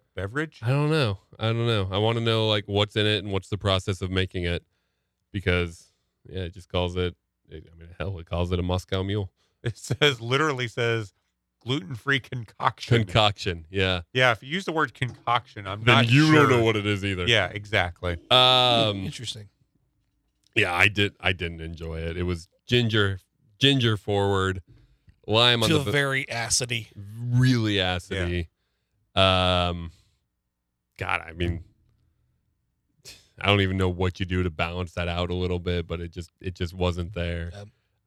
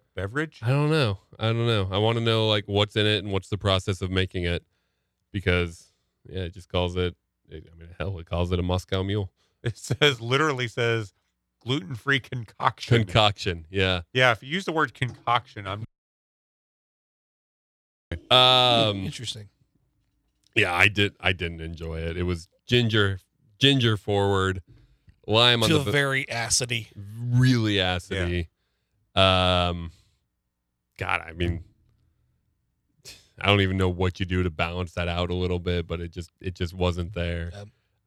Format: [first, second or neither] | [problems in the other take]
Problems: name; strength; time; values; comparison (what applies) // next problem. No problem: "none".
first | audio cutting out; at 16 s for 2.5 s